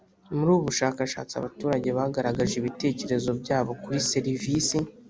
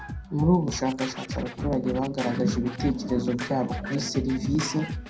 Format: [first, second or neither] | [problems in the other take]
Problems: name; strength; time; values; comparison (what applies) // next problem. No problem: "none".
first | background sound (Scratching (performance technique)); 9 dB below the speech // room echo; dies away in 0.2 s